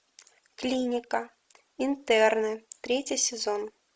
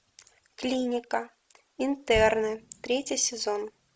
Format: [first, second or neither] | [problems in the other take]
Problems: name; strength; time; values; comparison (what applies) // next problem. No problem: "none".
first | background sound (Motor vehicle (road)); 18 dB below the speech